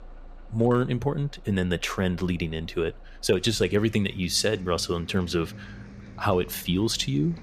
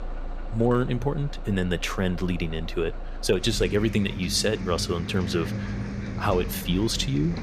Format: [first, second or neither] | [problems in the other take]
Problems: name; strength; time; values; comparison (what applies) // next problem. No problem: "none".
first | traffic noise; loud; throughout; 9 dB below the speech; faint in the first